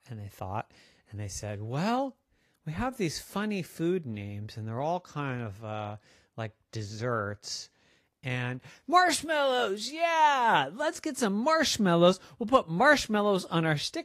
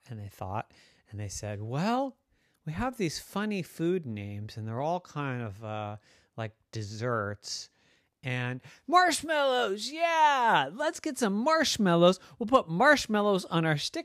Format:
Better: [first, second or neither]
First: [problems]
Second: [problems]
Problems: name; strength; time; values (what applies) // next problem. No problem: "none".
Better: second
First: garbled, watery; slightly; nothing above 14.5 kHz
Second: none